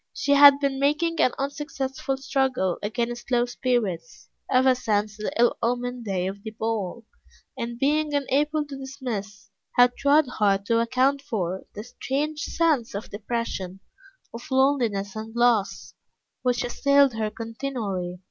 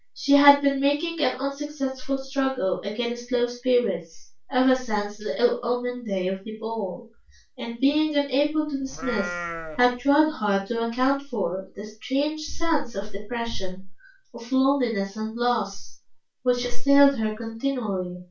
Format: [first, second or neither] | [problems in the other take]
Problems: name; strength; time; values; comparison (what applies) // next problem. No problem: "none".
first | background sound (Livestock, farm animals, working animals); 10 dB below the speech // room echo; dies away in 0.2 s